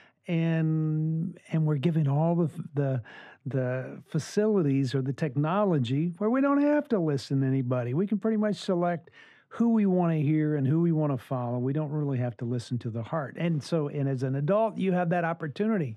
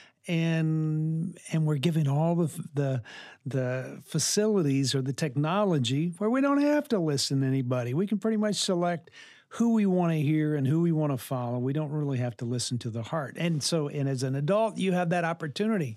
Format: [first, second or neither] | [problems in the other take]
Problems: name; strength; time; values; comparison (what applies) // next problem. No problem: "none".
second | muffled; slightly; fading above 3.5 kHz